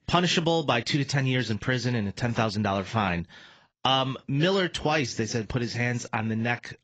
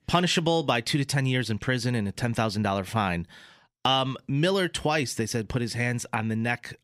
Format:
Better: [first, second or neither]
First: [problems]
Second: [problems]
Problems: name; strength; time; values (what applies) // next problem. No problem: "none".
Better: second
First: garbled, watery; badly; nothing above 7.5 kHz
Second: none